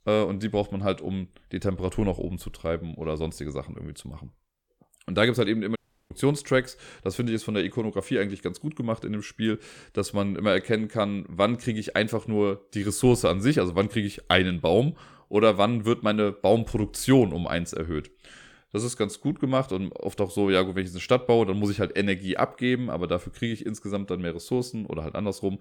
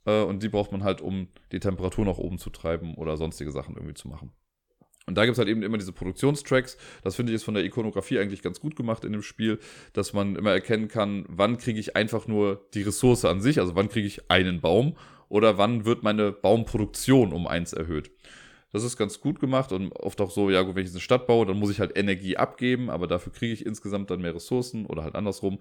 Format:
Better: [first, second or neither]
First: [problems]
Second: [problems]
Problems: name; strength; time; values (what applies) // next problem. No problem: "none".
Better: second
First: audio cutting out; at 6 s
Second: none